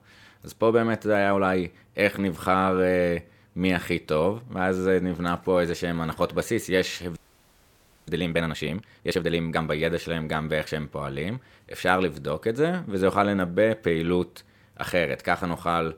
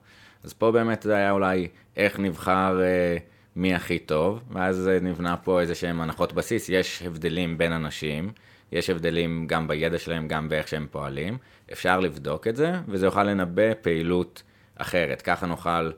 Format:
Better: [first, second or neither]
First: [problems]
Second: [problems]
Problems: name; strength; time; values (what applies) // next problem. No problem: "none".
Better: second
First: audio freezing; at 7 s for 1 s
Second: none